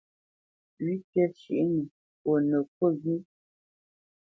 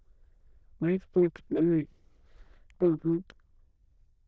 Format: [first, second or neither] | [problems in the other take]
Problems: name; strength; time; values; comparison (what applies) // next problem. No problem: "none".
first | noise reduction (neural diffusion model UNIVERSE++)